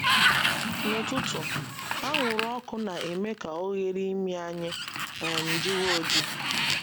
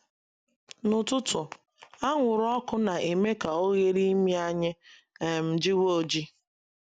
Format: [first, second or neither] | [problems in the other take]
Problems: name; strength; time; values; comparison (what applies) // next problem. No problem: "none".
second | background sound (Sliding door); 3 dB above the speech